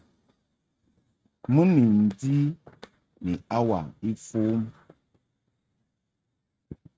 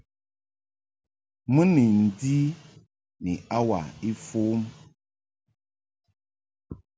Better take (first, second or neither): second